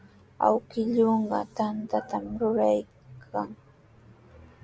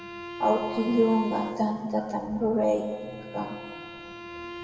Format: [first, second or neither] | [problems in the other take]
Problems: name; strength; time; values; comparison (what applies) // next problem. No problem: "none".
first | background sound (Bowed string instrument); 12 dB below the speech // room echo; dies away in 1.9 s